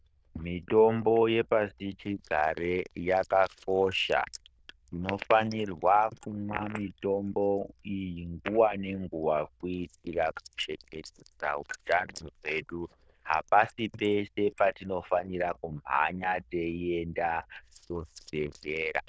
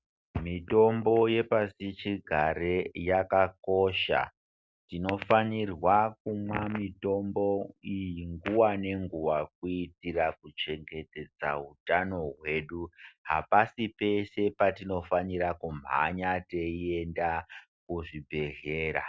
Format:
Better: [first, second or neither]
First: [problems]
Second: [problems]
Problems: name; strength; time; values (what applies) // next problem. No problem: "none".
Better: second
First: noise reduction (neural diffusion model UNIVERSE++)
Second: none